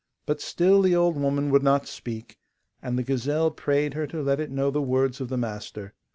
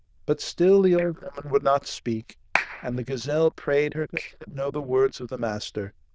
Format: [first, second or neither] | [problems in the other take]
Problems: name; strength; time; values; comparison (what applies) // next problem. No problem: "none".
first | noise reduction (neural diffusion model UNIVERSE++)